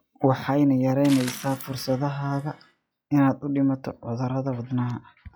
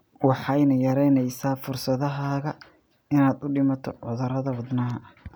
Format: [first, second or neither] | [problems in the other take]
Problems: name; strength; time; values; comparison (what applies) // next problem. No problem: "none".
second | noise reduction (classical method log-MMSE)